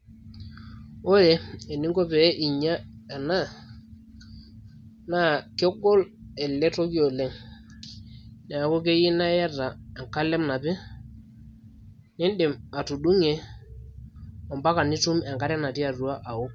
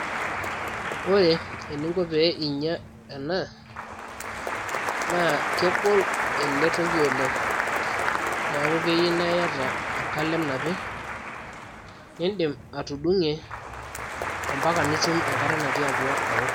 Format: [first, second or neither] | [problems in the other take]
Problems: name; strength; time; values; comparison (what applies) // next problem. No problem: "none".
first | background sound (Applause); 1 dB below the speech